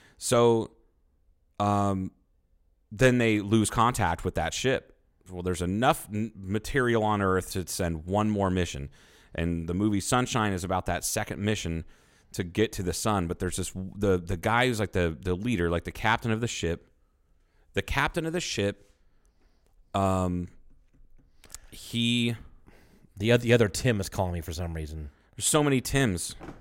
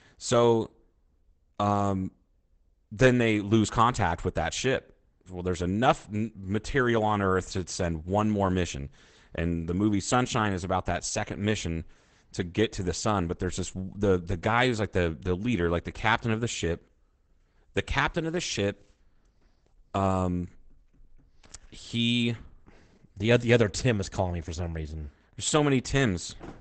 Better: first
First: none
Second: garbled, watery; badly; nothing above 8 kHz

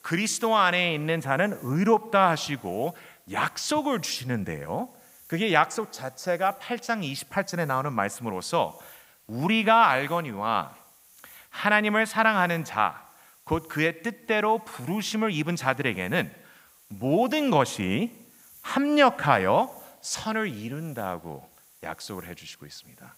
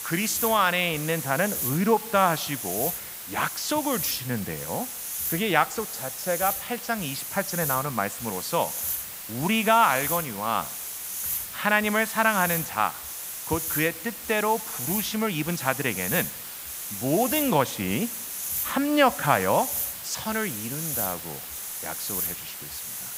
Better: first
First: hiss; faint; throughout; 25 dB below the speech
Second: hiss; loud; throughout; 4 dB below the speech

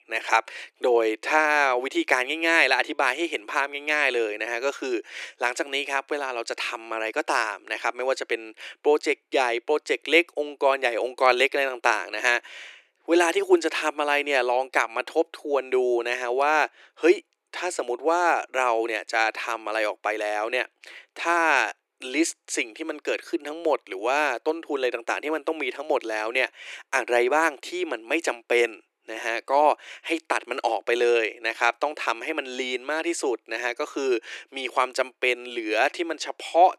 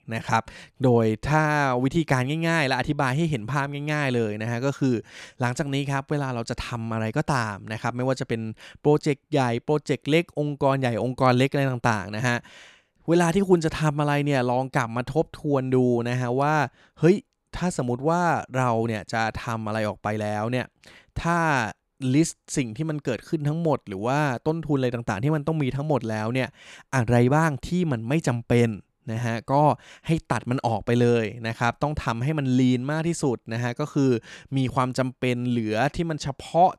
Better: second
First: thin; very; fading below 350 Hz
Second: none

